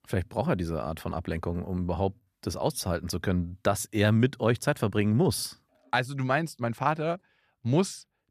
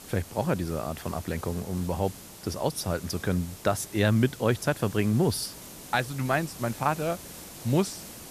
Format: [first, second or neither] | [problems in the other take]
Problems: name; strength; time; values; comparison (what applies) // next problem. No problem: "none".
first | hiss; noticeable; throughout; 15 dB below the speech